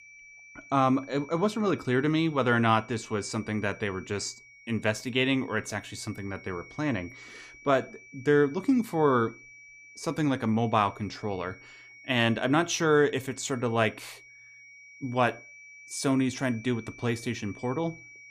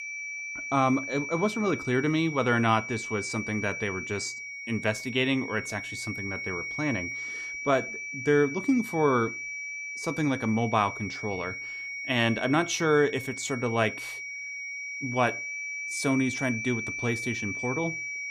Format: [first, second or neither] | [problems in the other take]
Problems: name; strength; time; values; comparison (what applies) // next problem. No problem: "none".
first | high-pitched whine; loud; throughout; 2.5 kHz, 6 dB below the speech; faint in the first